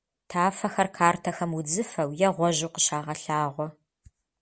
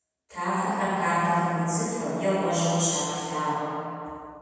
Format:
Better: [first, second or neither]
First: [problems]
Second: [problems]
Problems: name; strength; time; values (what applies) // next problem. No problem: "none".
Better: first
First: none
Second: room echo; dies away in 2.1 s